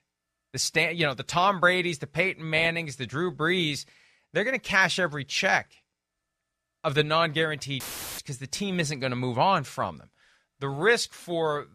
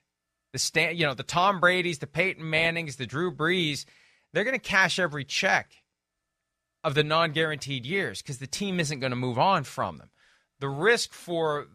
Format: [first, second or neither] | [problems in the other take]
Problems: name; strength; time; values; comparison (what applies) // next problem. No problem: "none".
second | audio cutting out; filled with static; at 8 s